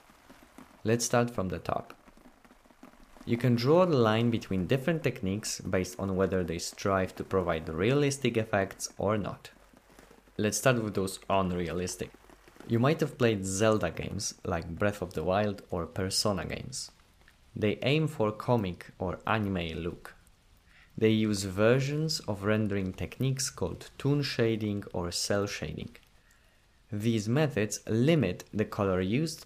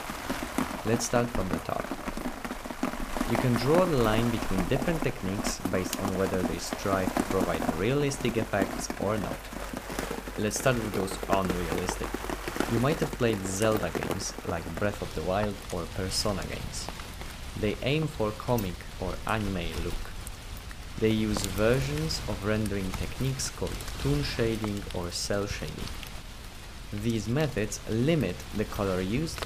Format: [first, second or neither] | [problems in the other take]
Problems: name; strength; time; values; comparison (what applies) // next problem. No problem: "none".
first | rain or running water; loud; throughout; 5 dB below the speech; faint in the first